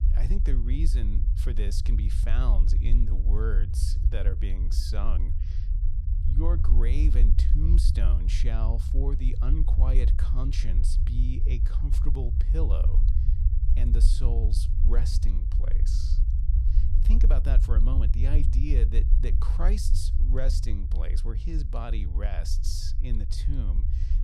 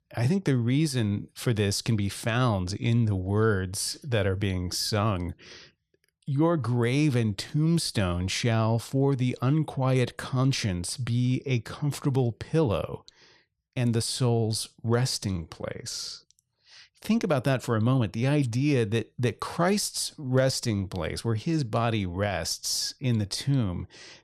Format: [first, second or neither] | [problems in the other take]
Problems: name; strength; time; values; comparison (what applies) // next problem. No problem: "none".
second | low rumble; loud; throughout; 6 dB below the speech